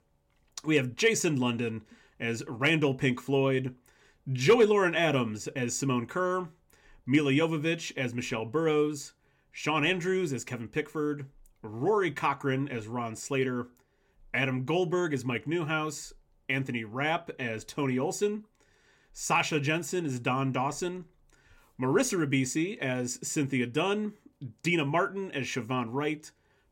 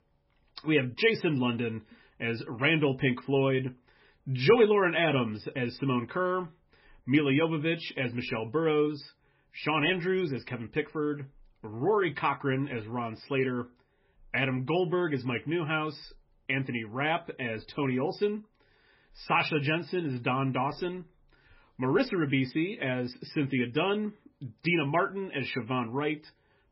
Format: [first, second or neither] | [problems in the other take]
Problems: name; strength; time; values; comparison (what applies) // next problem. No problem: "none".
first | garbled, watery; badly; nothing above 5.5 kHz